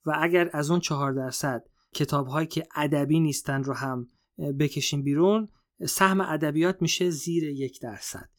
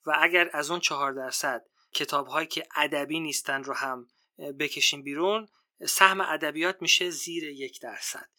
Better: first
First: none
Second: thin; very; fading below 500 Hz

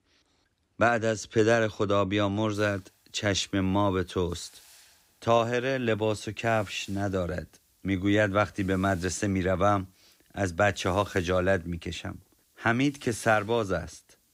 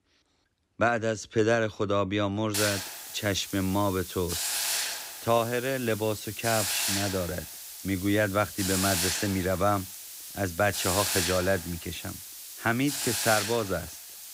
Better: first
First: hiss; faint; from 2.5 s on; 30 dB below the speech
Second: hiss; loud; from 2.5 s on; 3 dB below the speech

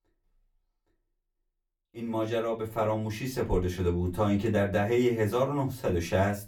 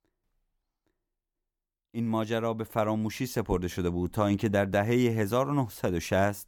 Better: second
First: off-mic speech; far // room echo; very slight; dies away in 0.2 s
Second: none

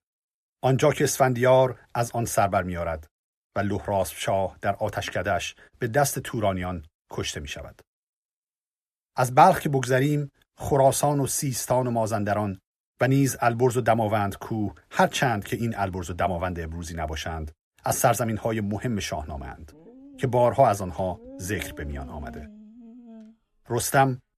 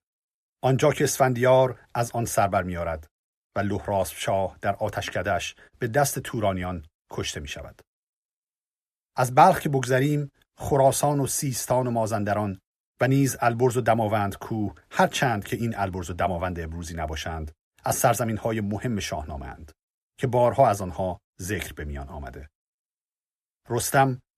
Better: second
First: dog barking; faint; from 20 to 23 s; peak 20 dB below the speech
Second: none

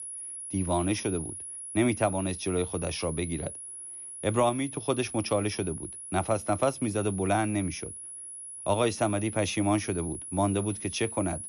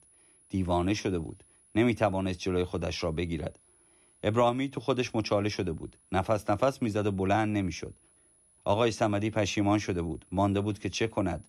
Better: second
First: high-pitched whine; loud; throughout; 10.5 kHz, 9 dB below the speech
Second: high-pitched whine; faint; throughout; 10.5 kHz, 30 dB below the speech

